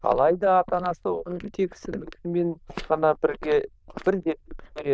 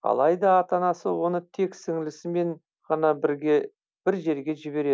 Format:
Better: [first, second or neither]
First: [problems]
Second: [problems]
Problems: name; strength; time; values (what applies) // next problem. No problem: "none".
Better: second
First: noise reduction (neural diffusion model UNIVERSE++)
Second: none